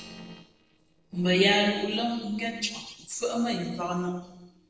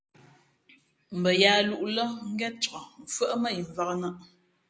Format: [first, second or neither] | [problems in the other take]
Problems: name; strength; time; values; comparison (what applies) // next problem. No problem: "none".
second | noise reduction (neural separator model SepFormer DNS4)